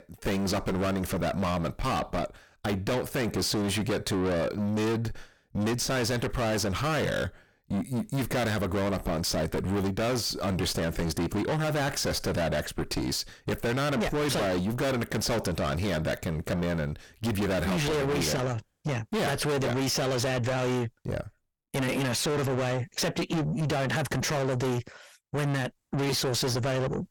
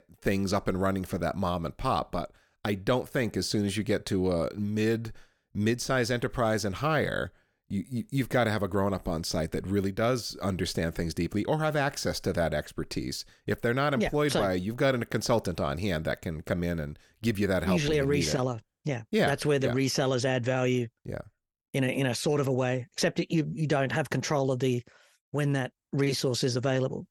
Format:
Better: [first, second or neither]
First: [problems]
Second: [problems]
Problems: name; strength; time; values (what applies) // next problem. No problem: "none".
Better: second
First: distortion; heavy; 5 dB below the speech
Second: none